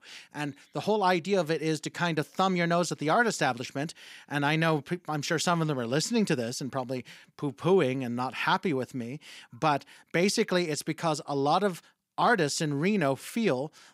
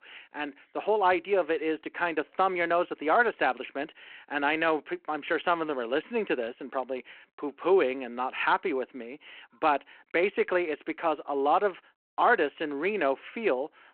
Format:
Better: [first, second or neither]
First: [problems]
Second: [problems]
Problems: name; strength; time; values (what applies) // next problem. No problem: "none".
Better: first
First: none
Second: phone-call audio